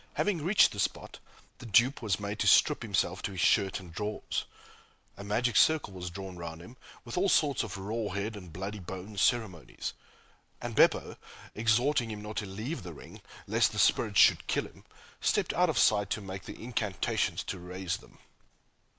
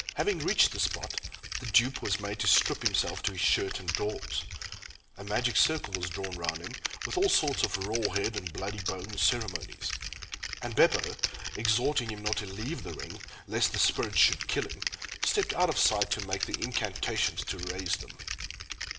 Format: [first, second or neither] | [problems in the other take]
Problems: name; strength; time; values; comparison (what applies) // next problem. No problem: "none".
first | background sound (Typing); 5 dB below the speech // room echo; dies away in 0.7 s